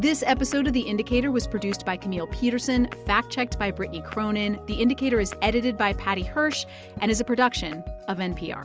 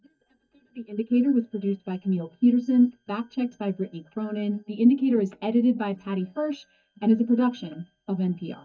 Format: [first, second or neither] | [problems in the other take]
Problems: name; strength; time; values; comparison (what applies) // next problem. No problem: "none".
first | noise reduction (neural mask model DeepFilterNet 3)